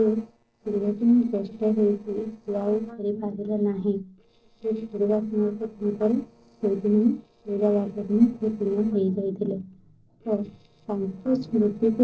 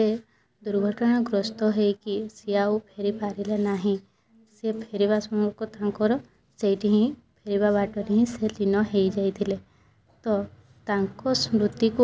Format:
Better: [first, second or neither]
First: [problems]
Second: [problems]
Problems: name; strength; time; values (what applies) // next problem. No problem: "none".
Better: second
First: noise reduction (neural separator model SepFormer DNS4)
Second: none